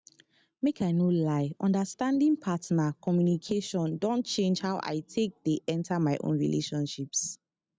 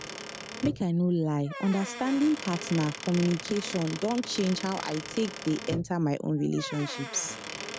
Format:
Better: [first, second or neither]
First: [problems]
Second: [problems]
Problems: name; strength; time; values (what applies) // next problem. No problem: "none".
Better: first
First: none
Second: background sound (Squeak / Wood); 10 dB below the speech